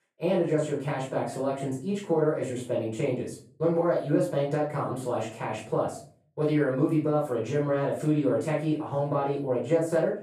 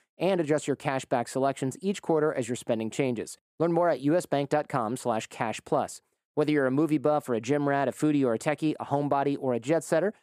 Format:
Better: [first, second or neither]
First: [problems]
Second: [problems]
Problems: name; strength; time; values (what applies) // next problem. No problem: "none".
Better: second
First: room echo; noticeable; dies away in 0.4 s // off-mic speech; far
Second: none